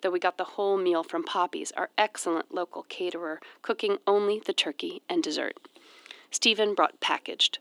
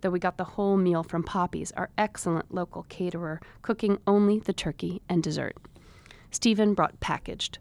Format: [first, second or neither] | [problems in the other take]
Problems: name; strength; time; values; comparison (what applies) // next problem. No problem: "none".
second | thin; very; fading below 300 Hz